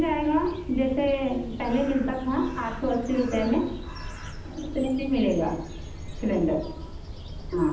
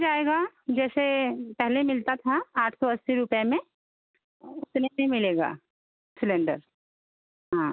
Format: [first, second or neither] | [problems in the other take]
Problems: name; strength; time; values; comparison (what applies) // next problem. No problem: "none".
second | background sound (Bird); 10 dB below the speech // room echo; dies away in 0.8 s